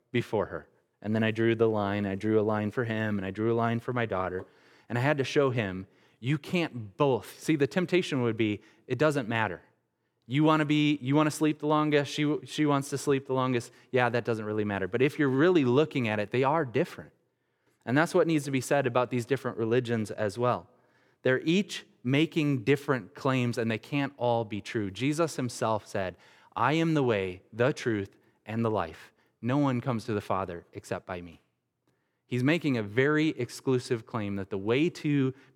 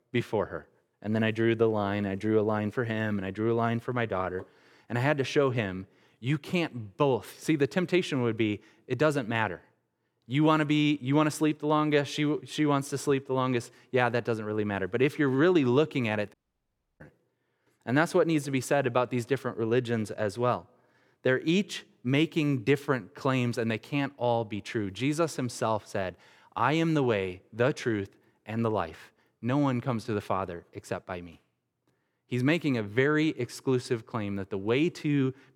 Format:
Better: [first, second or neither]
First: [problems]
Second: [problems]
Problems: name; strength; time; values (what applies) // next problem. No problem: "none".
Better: first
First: none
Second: audio cutting out; at 16 s for 0.5 s